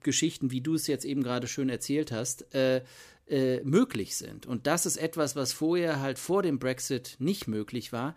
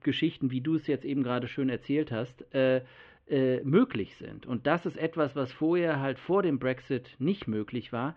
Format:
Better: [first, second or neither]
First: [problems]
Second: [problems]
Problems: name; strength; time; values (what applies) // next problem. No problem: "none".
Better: first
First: none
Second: muffled; very; fading above 3 kHz